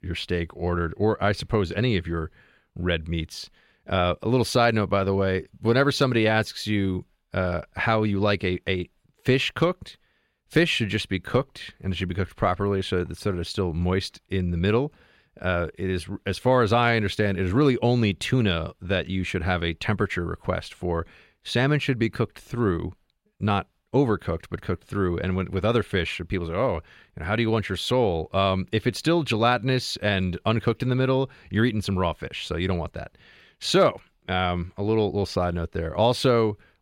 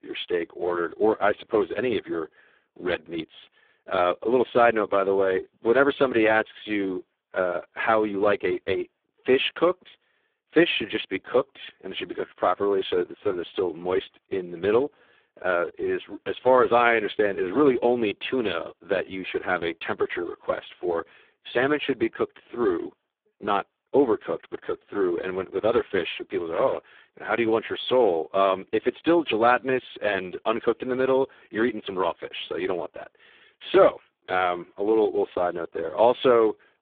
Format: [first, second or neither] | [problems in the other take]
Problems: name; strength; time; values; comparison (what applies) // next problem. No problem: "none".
first | phone-call audio; poor line